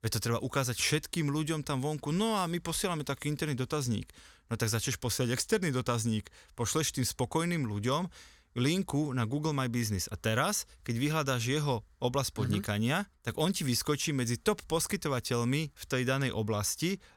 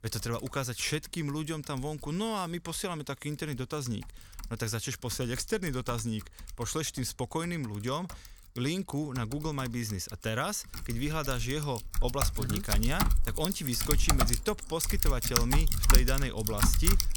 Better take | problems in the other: first | household noises; very loud; throughout; 3 dB above the speech

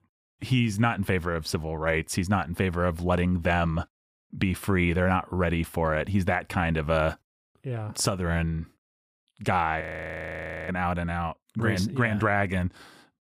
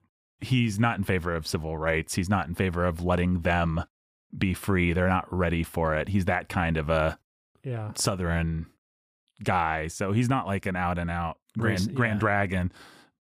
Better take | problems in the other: second | audio freezing; at 10 s for 1 s

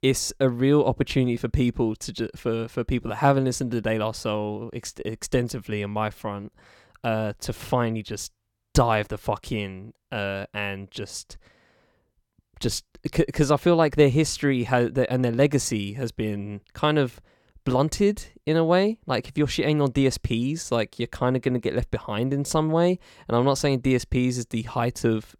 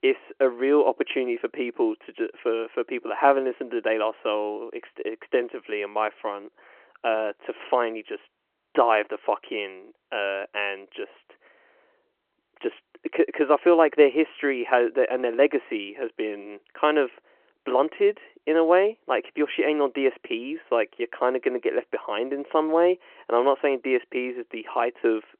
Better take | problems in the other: first | phone-call audio

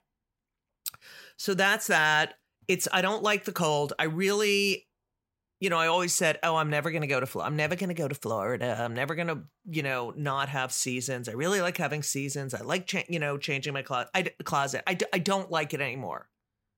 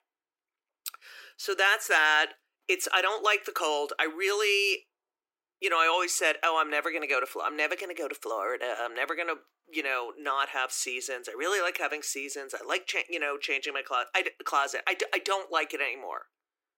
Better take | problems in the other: first | thin; very; fading below 300 Hz

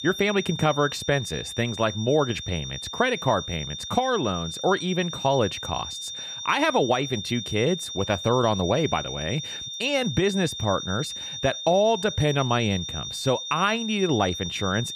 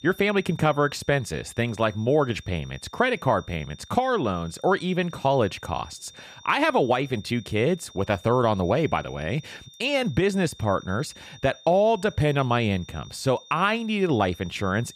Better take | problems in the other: second | high-pitched whine; loud; throughout; 3.5 kHz, 7 dB below the speech; faint in the second

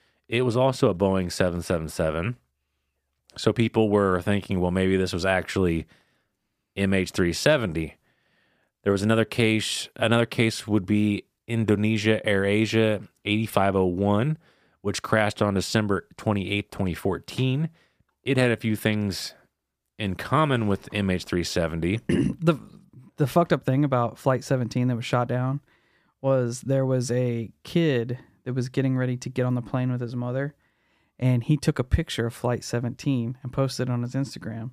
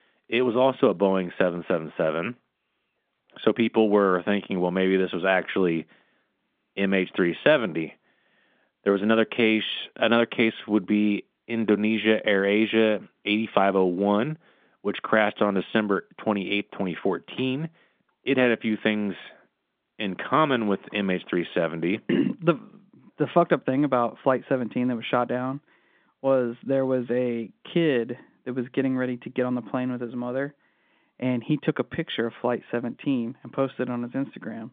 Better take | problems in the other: first | phone-call audio; nothing above 3.5 kHz

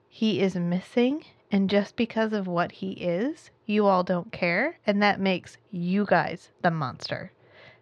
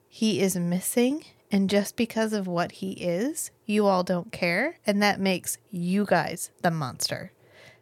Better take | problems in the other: second | muffled; slightly; fading above 4 kHz

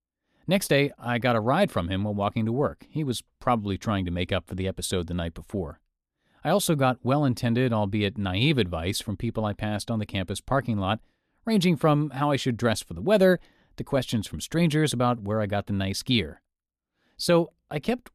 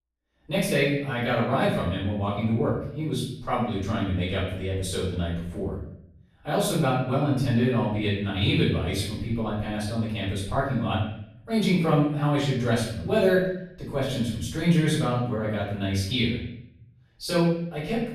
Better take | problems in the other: first | off-mic speech; far // room echo; noticeable; dies away in 0.7 s

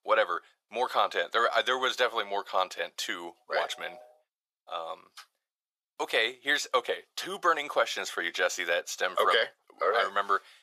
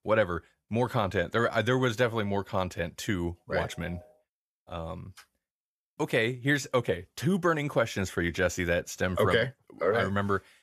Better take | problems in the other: second | thin; very; fading below 450 Hz

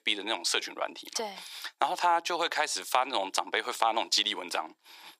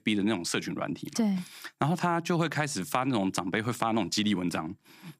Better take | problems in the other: second | thin; very; fading below 450 Hz

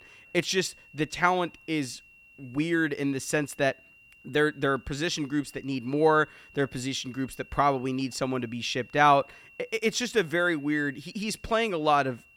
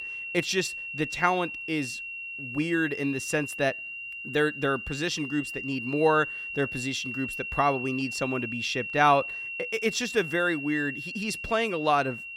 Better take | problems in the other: first | high-pitched whine; loud; throughout; 2.5 kHz, 6 dB below the speech; faint in the first

